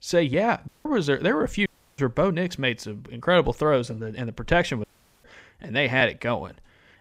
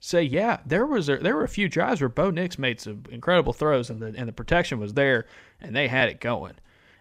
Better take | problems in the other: second | audio cutting out; at 0.5 s, at 1.5 s and at 5 s

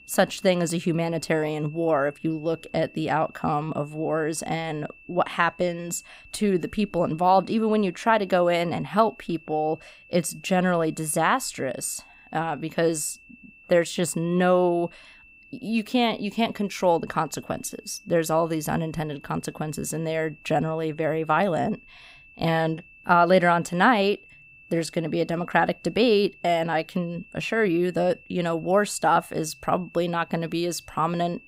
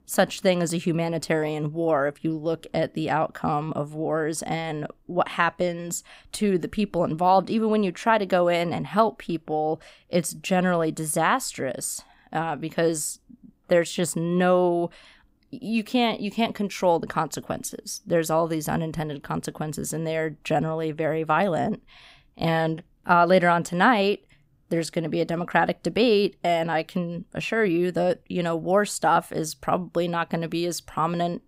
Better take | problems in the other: second | high-pitched whine; faint; throughout; 2.5 kHz, 25 dB below the speech

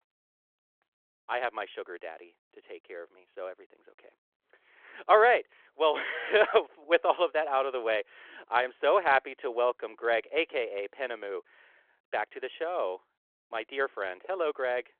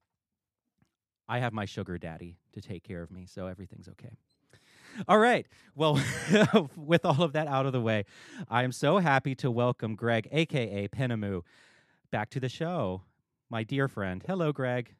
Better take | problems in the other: second | phone-call audio; nothing above 3.5 kHz

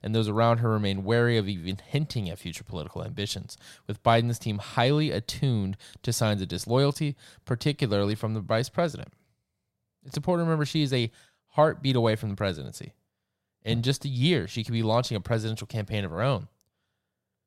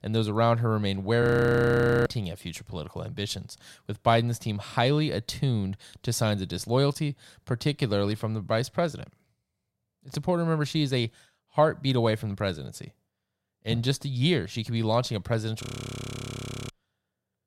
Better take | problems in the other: first | audio freezing; at 1 s for 1 s and at 16 s for 1 s

